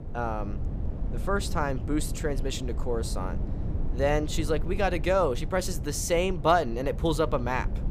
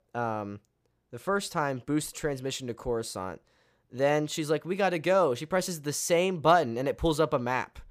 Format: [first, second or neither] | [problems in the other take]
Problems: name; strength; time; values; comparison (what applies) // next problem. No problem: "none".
second | wind noise on the microphone; occasional gusts; 15 dB below the speech